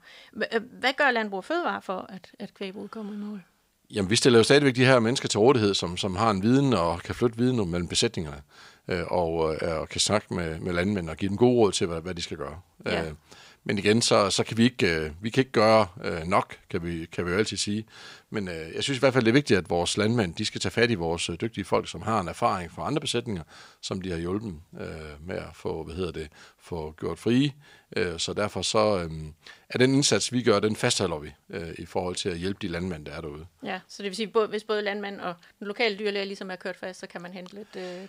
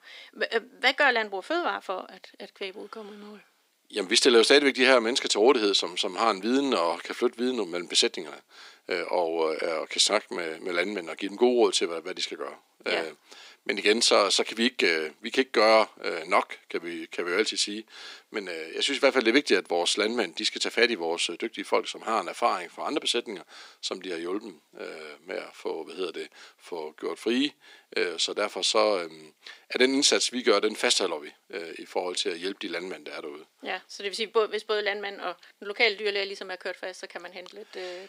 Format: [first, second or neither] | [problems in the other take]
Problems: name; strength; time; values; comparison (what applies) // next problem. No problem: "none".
first | thin; very slightly; fading below 250 Hz